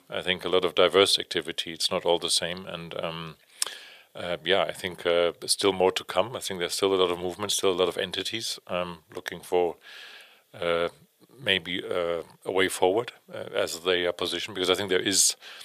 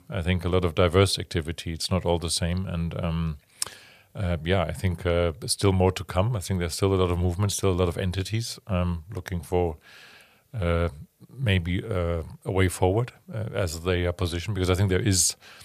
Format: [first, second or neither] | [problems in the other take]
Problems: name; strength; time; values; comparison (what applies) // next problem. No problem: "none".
second | thin; somewhat; fading below 400 Hz